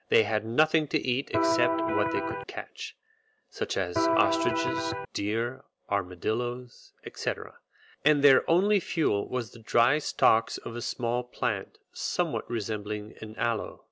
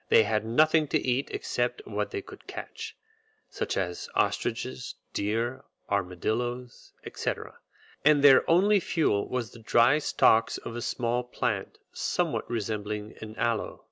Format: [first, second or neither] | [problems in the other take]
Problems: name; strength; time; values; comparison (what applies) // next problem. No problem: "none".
second | background sound (Electric guitar); 1 dB above the speech